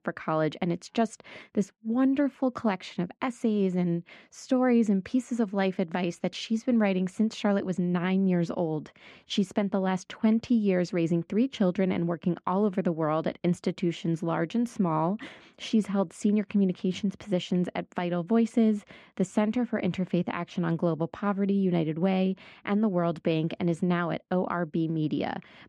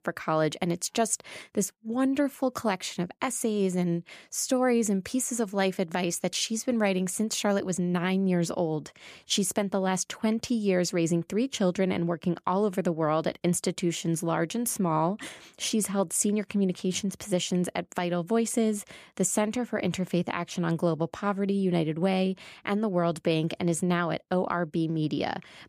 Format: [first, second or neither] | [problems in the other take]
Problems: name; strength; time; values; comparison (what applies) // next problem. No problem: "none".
second | muffled; slightly; fading above 3 kHz